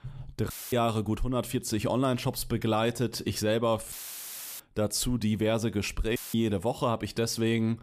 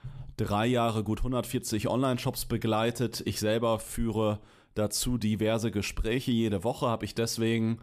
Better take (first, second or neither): second